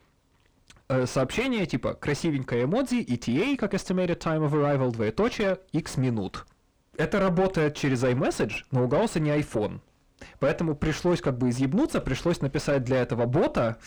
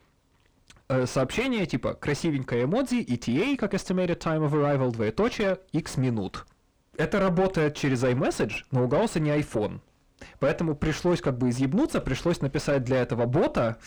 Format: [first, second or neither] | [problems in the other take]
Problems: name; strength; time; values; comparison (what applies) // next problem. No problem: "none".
neither | distortion; heavy; 5 dB below the speech; the same in both